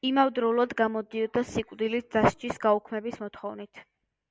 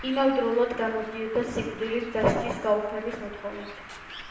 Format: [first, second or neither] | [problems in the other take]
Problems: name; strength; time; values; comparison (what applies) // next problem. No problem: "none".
first | background sound (Bird); 15 dB below the speech // room echo; dies away in 0.9 s